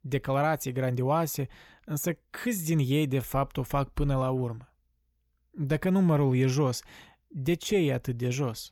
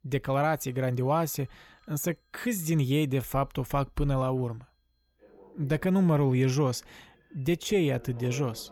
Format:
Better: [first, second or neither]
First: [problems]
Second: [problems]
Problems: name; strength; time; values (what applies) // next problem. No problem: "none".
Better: first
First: none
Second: alarms or sirens; faint; throughout; 25 dB below the speech